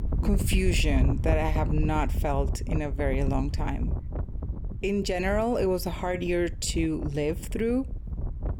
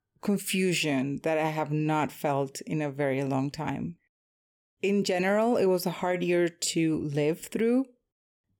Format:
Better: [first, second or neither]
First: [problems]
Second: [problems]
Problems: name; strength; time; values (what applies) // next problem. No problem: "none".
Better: second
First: wind noise on the microphone; occasional gusts; 15 dB below the speech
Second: none